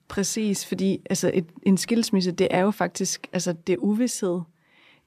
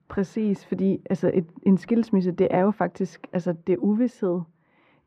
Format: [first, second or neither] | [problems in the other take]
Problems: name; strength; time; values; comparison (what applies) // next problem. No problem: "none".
first | muffled; very; fading above 3.5 kHz